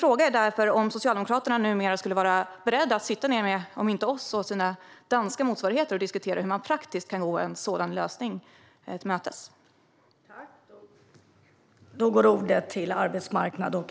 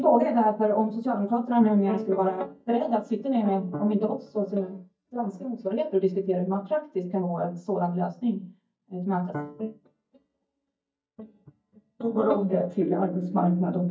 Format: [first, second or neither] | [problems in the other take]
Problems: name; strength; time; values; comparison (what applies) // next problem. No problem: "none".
first | noise reduction (neural mask model DeepFilterNet 3)